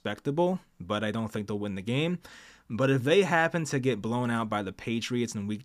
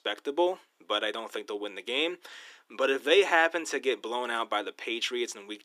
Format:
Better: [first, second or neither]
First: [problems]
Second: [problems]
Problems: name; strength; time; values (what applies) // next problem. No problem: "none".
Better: first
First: none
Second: thin; very; fading below 350 Hz